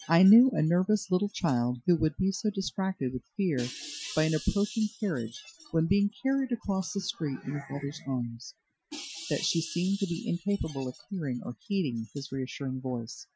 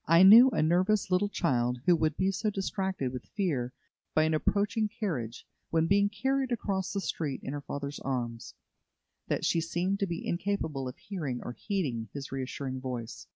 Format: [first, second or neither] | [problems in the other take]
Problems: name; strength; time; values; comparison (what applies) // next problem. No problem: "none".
second | noise reduction (classical method Wiener filter)